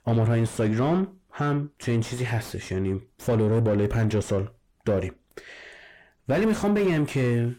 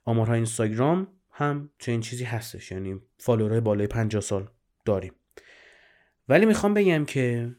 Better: second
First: distortion; heavy; 6 dB below the speech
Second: none

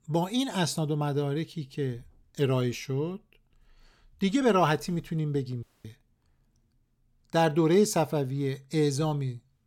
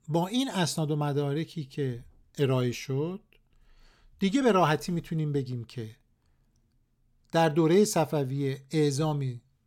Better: second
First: audio cutting out; at 5.5 s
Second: none

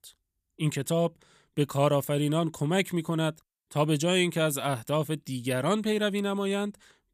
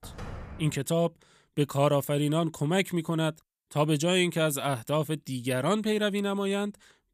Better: first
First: none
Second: door banging; faint; at the start; peak 15 dB below the speech

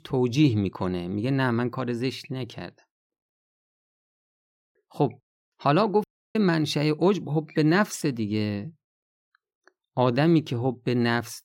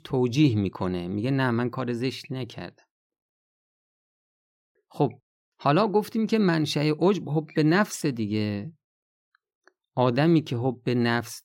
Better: second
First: audio cutting out; at 6 s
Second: none

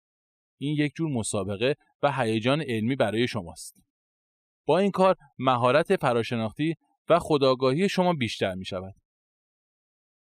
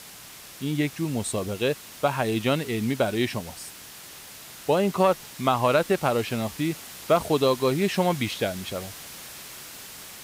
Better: first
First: none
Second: hiss; noticeable; throughout; 15 dB below the speech

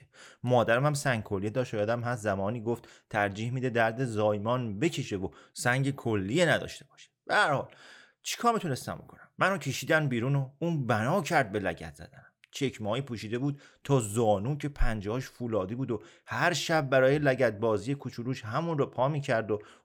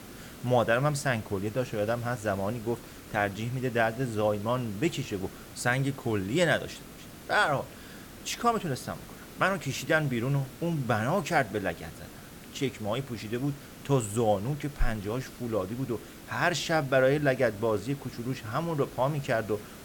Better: first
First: none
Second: hiss; noticeable; throughout; 15 dB below the speech

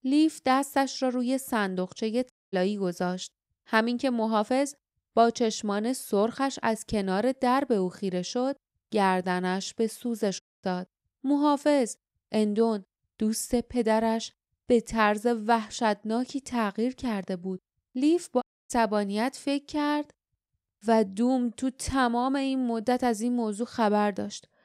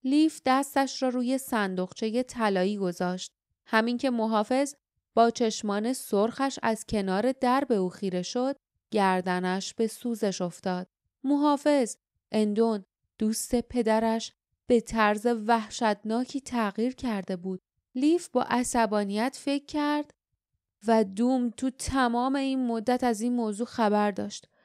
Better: second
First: audio cutting out; at 2.5 s, at 10 s and at 18 s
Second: none

